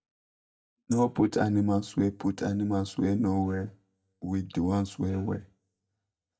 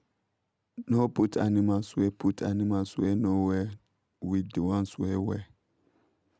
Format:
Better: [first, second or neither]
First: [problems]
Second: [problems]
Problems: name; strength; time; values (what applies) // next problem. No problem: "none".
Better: second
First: noise reduction (neural mask model DeepFilterNet 3)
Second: none